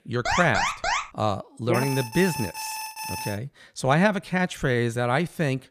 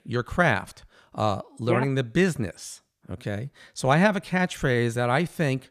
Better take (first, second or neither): second